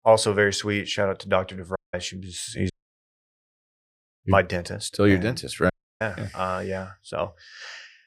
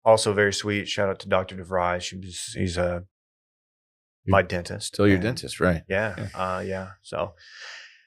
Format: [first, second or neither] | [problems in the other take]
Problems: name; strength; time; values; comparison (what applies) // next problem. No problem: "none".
second | audio cutting out; at 2 s, at 2.5 s and at 5.5 s